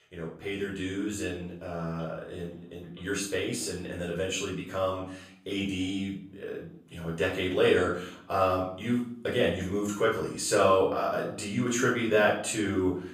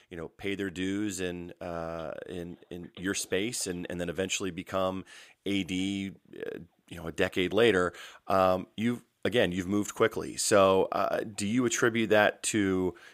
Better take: second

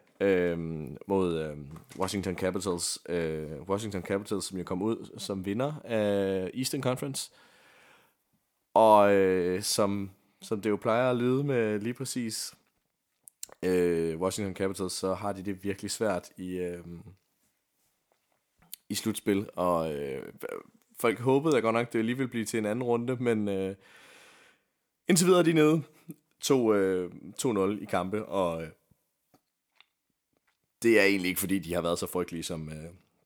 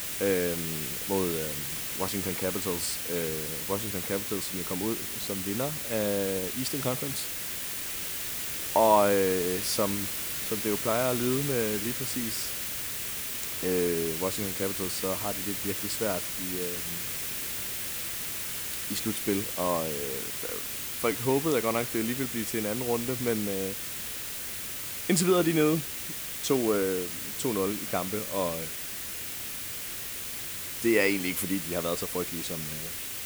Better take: first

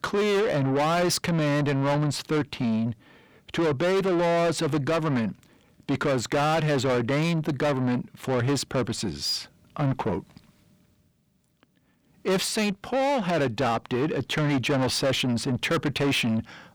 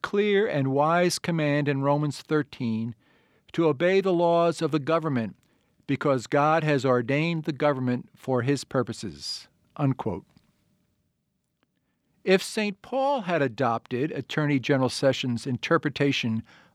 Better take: second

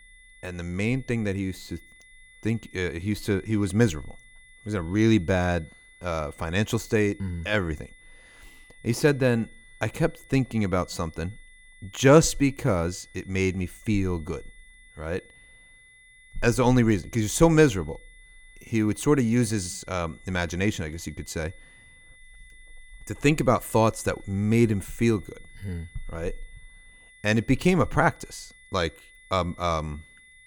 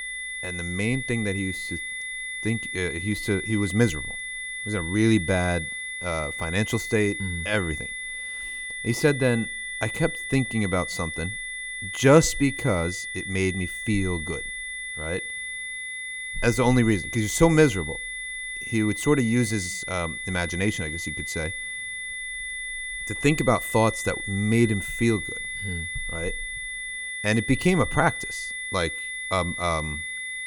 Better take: first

